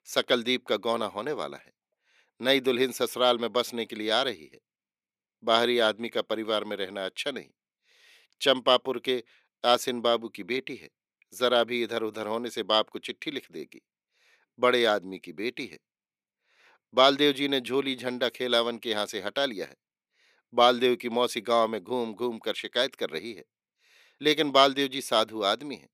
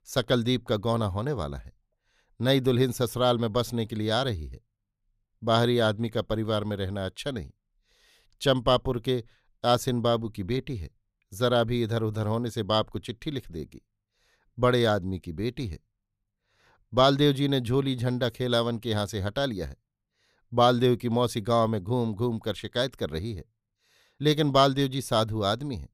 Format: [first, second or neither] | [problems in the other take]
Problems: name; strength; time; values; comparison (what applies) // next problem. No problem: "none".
second | thin; somewhat; fading below 300 Hz